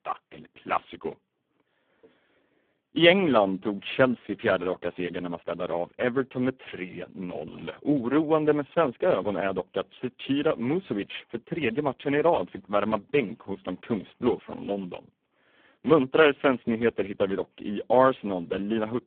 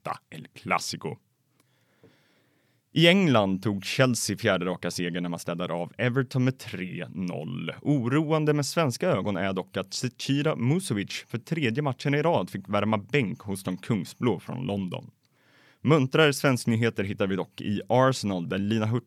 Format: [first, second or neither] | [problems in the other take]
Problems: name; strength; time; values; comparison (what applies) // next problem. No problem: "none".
second | phone-call audio; poor line